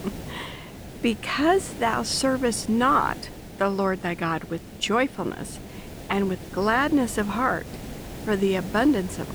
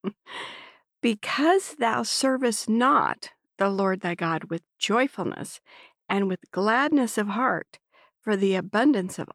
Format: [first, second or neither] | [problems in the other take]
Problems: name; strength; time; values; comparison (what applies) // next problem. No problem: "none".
second | hiss; noticeable; throughout; 15 dB below the speech